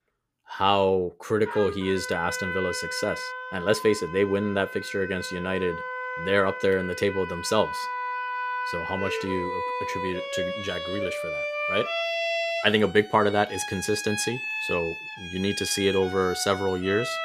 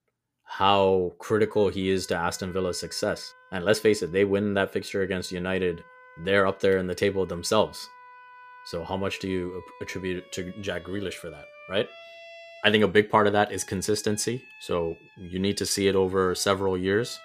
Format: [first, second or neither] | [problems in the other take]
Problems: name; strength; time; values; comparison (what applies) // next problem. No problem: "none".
second | background music; loud; throughout; 5 dB below the speech; faint in the second